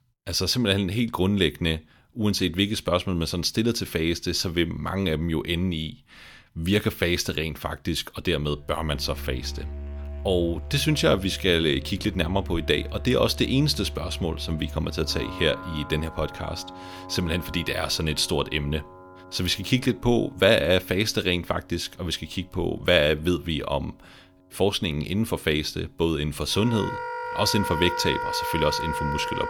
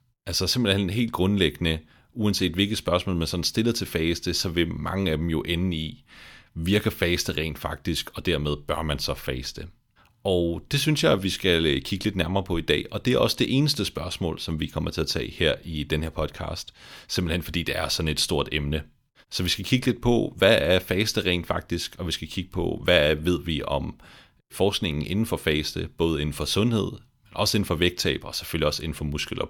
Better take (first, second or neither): second